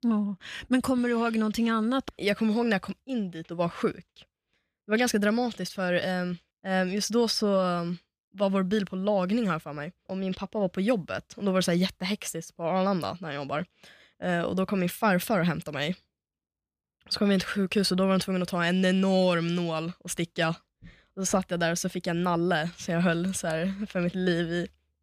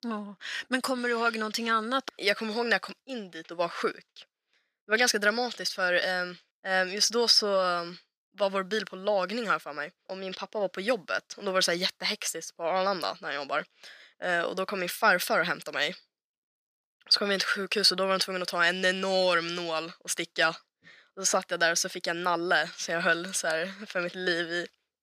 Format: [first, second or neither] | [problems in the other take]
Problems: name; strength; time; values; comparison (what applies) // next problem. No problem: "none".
first | thin; somewhat; fading below 400 Hz